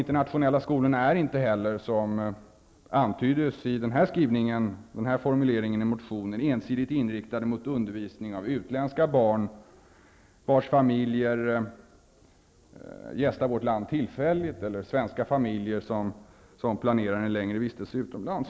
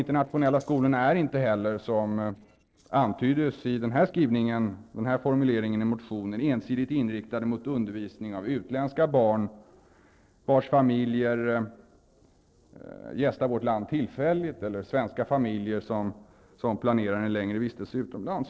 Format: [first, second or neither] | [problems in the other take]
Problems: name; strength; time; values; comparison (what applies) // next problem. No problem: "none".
first | noise reduction (neural separator model SepFormer DNS4)